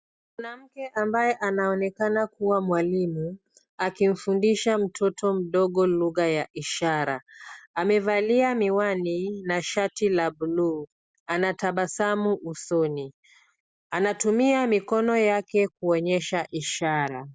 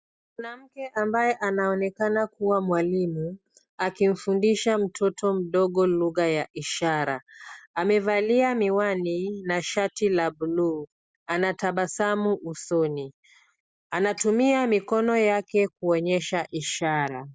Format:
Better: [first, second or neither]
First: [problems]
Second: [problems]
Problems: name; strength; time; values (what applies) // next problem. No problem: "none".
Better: first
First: none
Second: noise reduction (neural mask model Resemble Enhance denoiser)